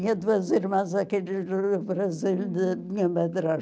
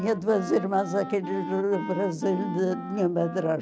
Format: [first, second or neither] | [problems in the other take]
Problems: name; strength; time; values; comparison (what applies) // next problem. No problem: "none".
first | background sound (Wind instrument, woodwind instrument); 11 dB below the speech